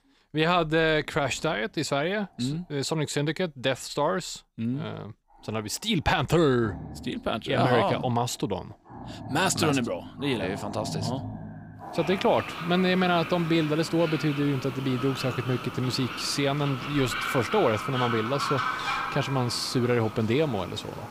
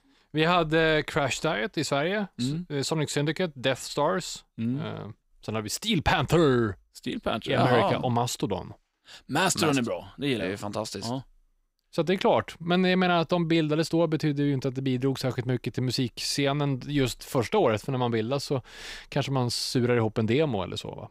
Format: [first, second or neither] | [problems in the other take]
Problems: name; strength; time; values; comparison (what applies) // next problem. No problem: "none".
second | animal sounds; loud; throughout; 8 dB below the speech